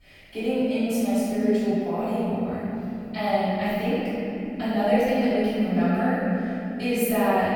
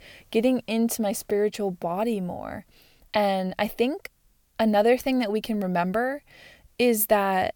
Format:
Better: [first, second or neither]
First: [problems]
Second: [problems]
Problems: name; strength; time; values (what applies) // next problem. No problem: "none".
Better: second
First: off-mic speech; far // room echo; strong; dies away in 3 s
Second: none